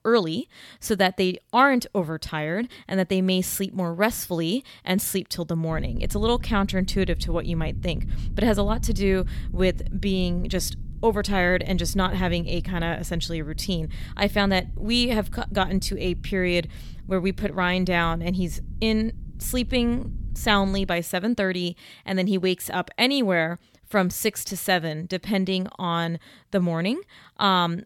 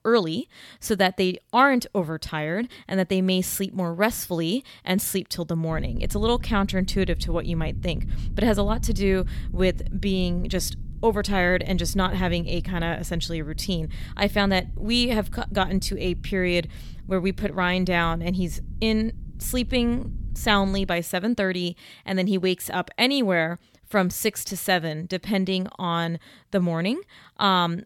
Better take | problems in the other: neither | low rumble; faint; from 5.5 to 21 s; 25 dB below the speech; the same in both

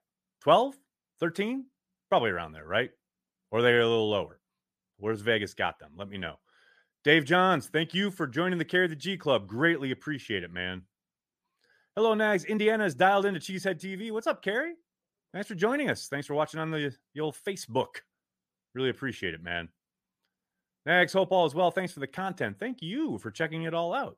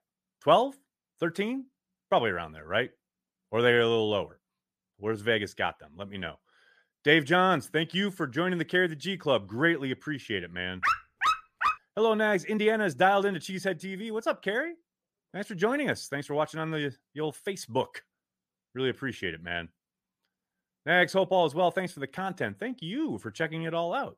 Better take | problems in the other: first | dog barking; loud; at 11 s; peak 1 dB above the speech

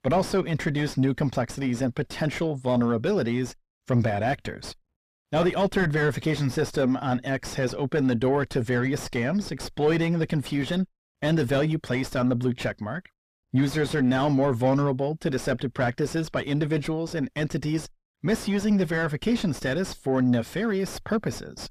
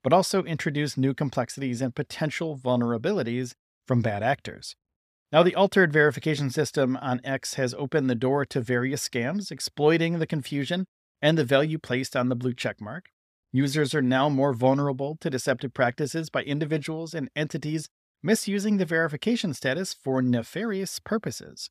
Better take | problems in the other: second | distortion; heavy; 6 dB below the speech

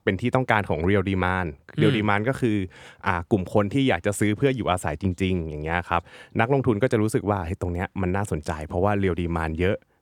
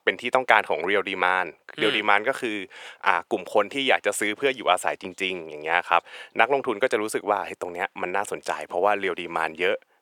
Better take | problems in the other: first | thin; very; fading below 600 Hz

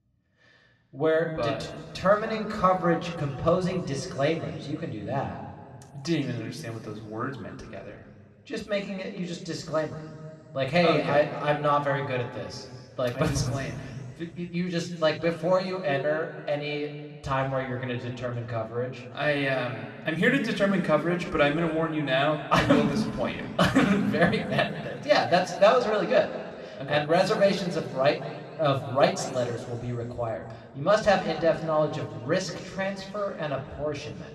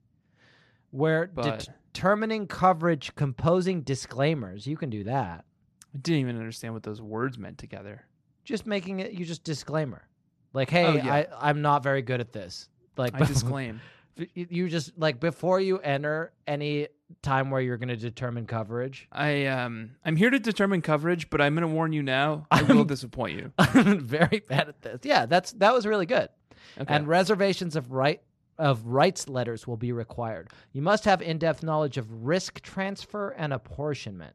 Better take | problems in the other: second | room echo; slight; dies away in 2 s // off-mic speech; somewhat distant

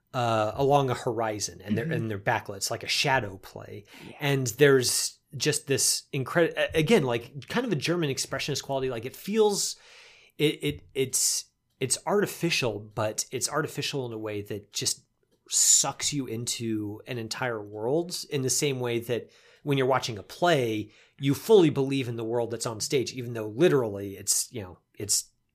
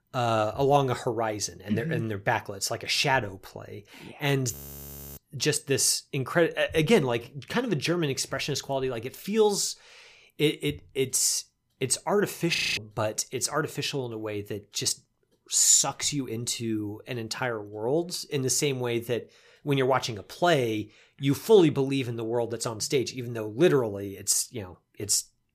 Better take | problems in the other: first | audio freezing; at 4.5 s for 0.5 s and at 13 s

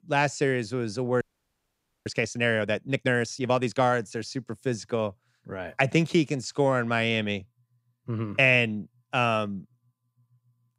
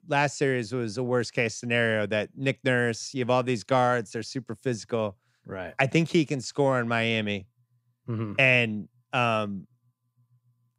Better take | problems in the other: second | audio freezing; at 1 s for 1 s

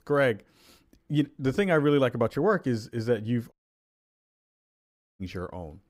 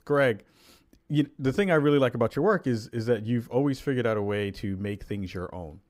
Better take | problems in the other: second | audio cutting out; at 3.5 s for 1.5 s

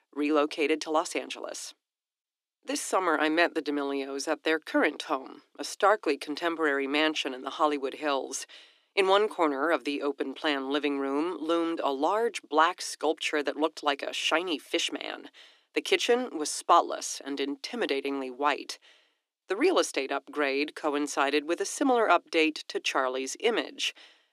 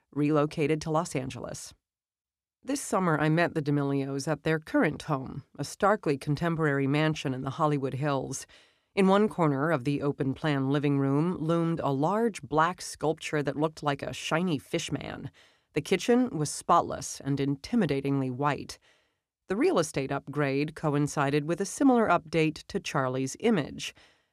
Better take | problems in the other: second | thin; somewhat; fading below 300 Hz

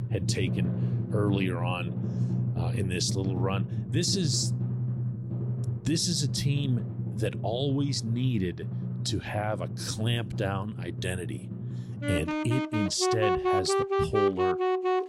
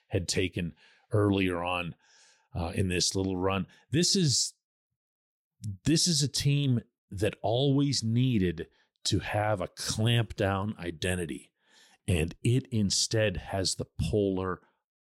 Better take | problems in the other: second | background music; loud; throughout; as loud as the speech

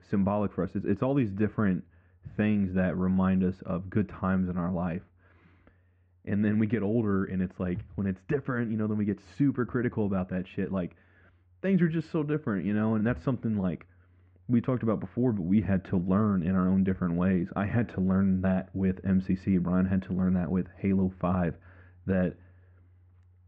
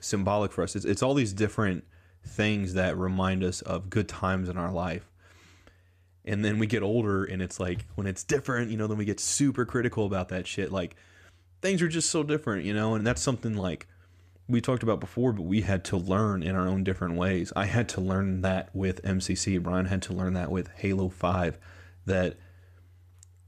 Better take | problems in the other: second | muffled; very; fading above 2 kHz

